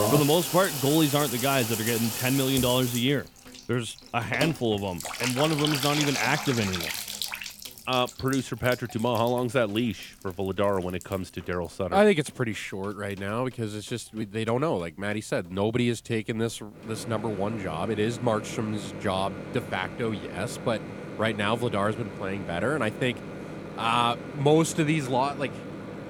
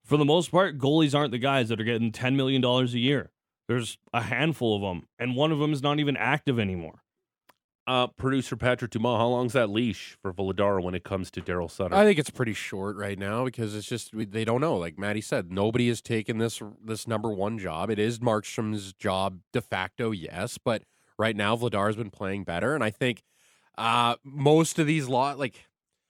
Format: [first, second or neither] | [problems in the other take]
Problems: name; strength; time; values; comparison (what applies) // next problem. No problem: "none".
second | household noises; loud; throughout; 6 dB below the speech